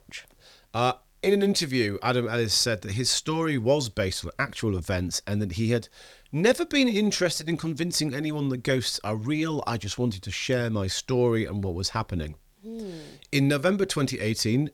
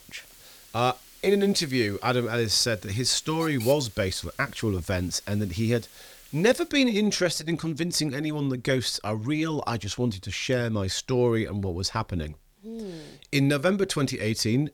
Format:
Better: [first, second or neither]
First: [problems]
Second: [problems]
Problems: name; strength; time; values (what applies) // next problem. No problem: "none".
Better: first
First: none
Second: hiss; faint; until 6.5 s; 20 dB below the speech